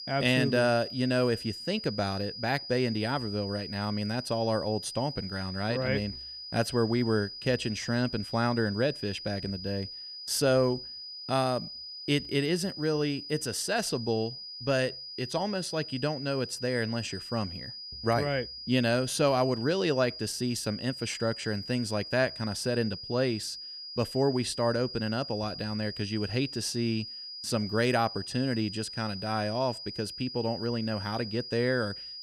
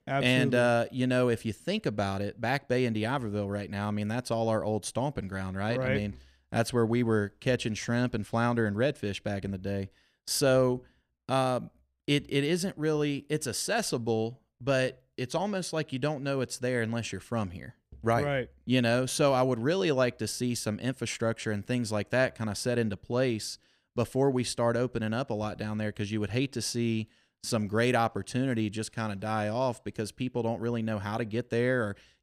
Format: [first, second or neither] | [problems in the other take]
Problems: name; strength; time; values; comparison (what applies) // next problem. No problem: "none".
second | high-pitched whine; loud; throughout; 5 kHz, 9 dB below the speech